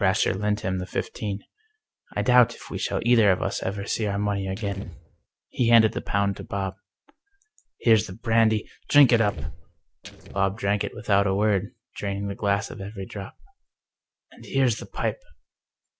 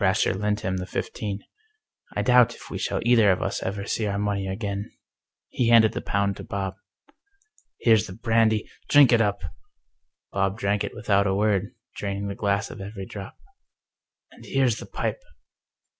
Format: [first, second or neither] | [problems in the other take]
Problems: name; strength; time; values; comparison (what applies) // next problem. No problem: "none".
second | noise reduction (neural separator model SepFormer DNS4)